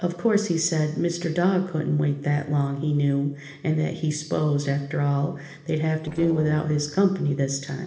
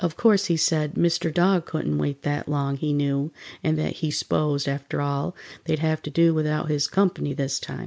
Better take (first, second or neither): second